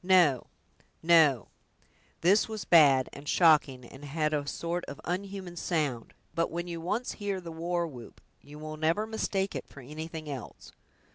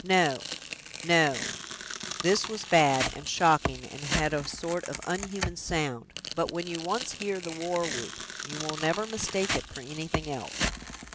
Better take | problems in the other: first | background sound (Tearing); 6 dB below the speech

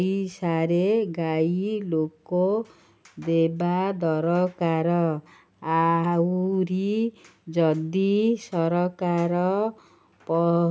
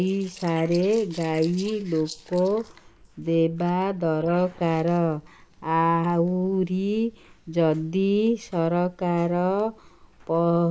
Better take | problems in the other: first | noise reduction (neural mask model Resemble Enhance denoiser)

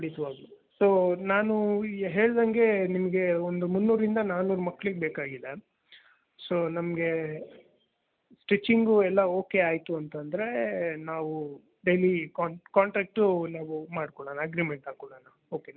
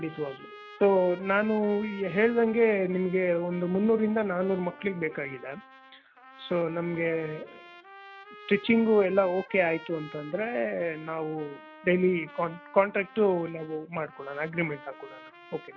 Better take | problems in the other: first | background sound (Trumpet); 20 dB below the speech

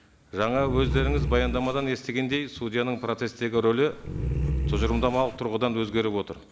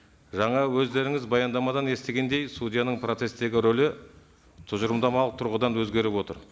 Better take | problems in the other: second | background sound (Growling); 1 dB below the speech

